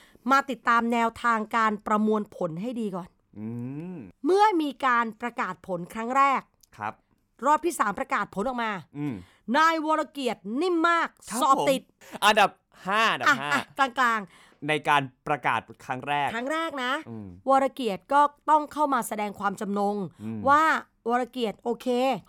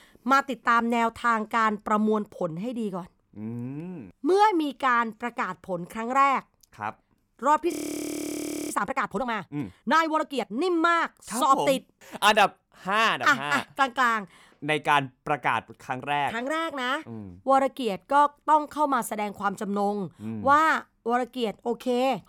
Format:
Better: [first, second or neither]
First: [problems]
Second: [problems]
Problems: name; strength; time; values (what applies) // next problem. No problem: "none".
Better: first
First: none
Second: audio freezing; at 7.5 s for 1 s